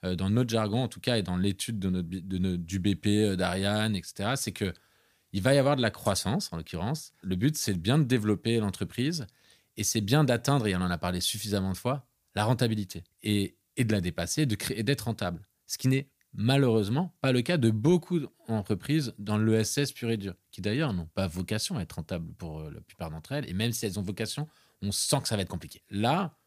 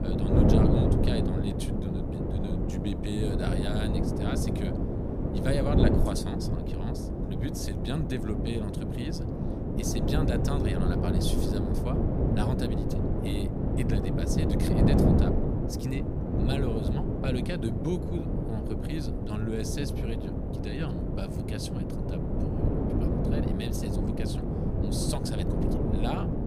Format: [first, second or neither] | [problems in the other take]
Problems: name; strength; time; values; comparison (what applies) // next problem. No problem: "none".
first | wind noise on the microphone; heavy; 3 dB above the speech